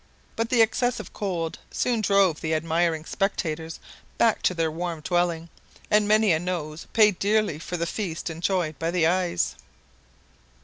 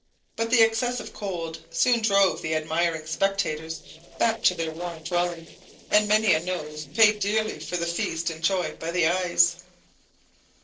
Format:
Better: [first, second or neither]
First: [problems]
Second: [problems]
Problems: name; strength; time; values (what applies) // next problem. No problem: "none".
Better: first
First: none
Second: noise reduction (neural separator model SepFormer DNS4)